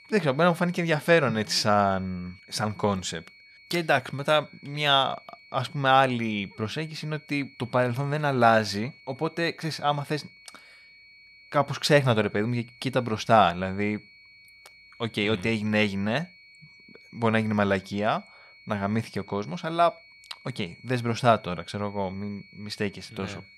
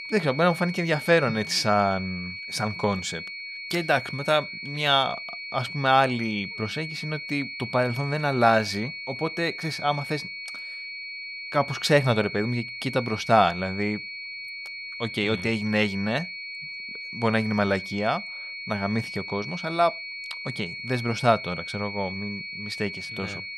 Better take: first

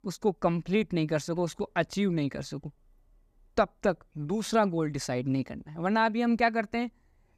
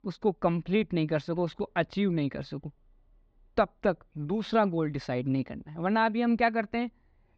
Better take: first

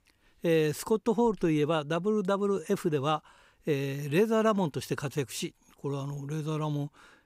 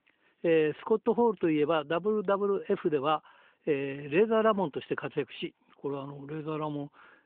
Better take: first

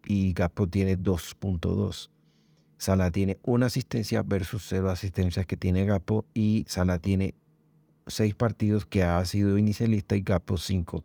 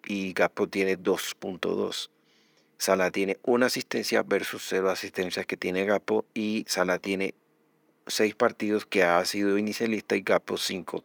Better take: first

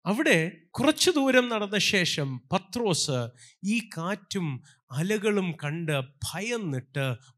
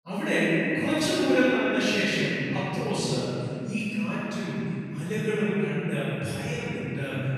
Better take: first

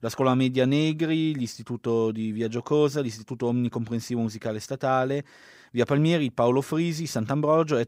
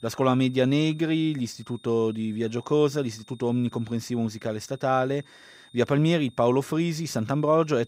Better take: first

